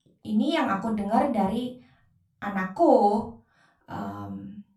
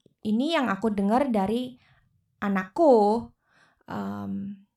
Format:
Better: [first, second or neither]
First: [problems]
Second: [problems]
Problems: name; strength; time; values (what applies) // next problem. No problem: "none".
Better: second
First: off-mic speech; far // room echo; very slight; dies away in 0.2 s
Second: none